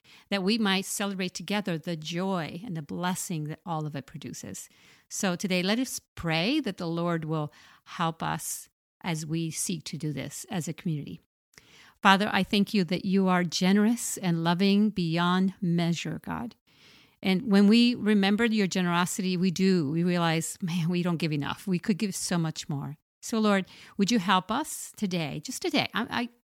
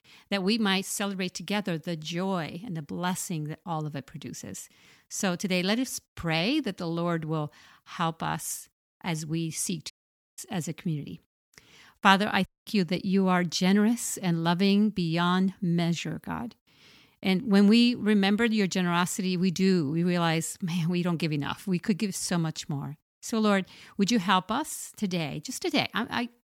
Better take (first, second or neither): first